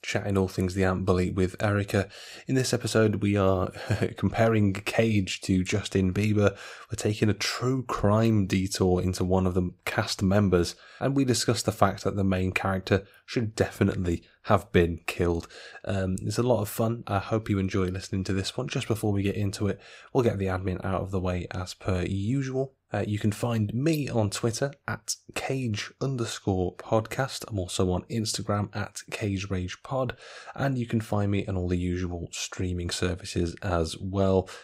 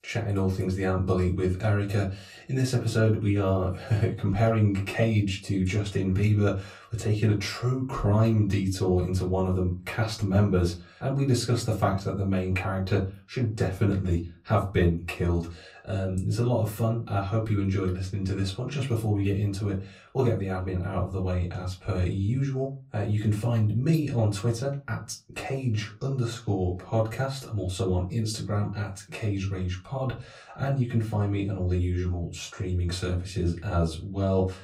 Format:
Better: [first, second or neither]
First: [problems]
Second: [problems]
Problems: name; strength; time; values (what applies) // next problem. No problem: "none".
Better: first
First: none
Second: off-mic speech; far // room echo; very slight; dies away in 0.3 s